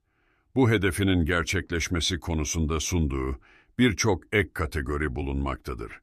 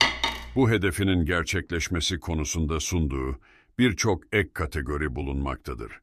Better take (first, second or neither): first